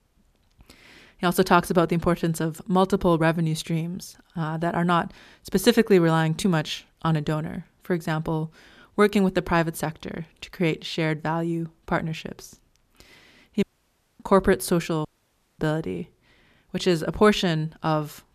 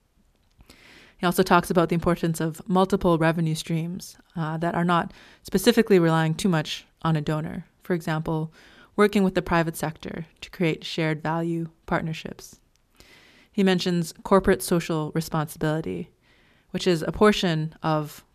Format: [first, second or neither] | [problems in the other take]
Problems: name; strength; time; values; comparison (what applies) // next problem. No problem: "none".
second | audio cutting out; at 14 s for 0.5 s and at 15 s for 0.5 s